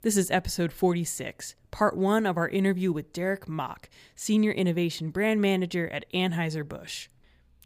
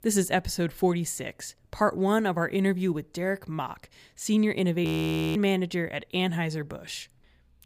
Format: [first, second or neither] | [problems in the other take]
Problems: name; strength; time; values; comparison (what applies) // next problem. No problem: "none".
first | audio freezing; at 5 s for 0.5 s